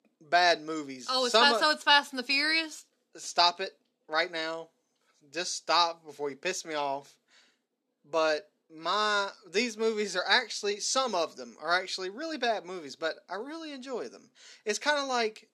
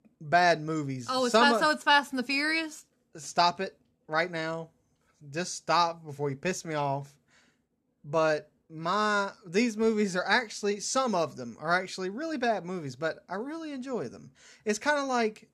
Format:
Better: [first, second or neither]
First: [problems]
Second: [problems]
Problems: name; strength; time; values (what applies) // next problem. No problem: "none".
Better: second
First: thin; very slightly; fading below 300 Hz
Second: none